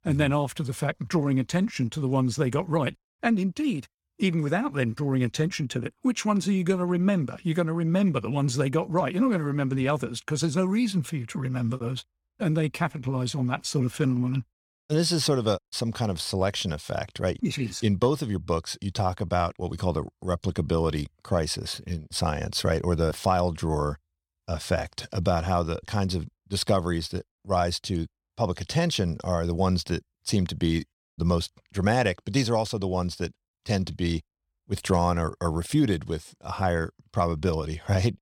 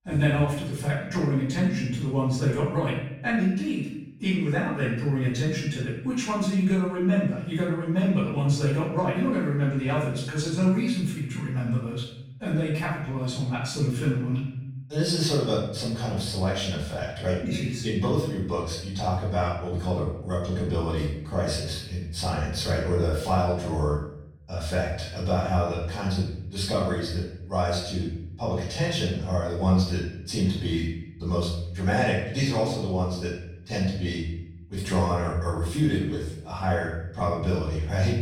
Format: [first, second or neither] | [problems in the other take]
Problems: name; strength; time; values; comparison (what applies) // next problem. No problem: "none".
first | room echo; noticeable; dies away in 0.7 s // off-mic speech; far